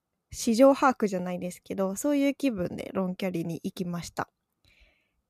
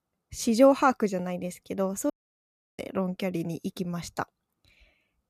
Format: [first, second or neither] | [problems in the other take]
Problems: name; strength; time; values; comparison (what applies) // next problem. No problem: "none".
first | audio cutting out; at 2 s for 0.5 s